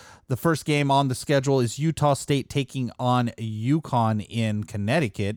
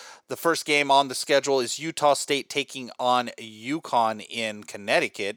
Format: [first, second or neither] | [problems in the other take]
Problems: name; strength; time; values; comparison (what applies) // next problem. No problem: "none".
first | thin; somewhat; fading below 500 Hz